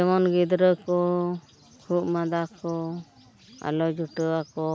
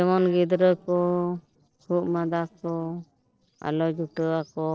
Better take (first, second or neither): first